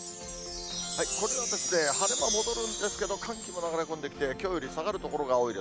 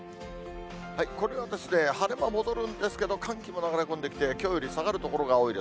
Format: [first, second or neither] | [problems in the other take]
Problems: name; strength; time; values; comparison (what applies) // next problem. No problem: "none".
second | background sound (Chime); 3 dB below the speech